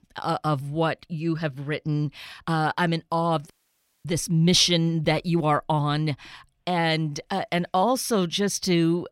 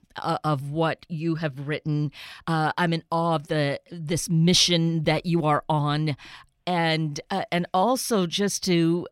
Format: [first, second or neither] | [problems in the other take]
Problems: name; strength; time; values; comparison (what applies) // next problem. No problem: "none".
second | audio cutting out; at 3.5 s for 0.5 s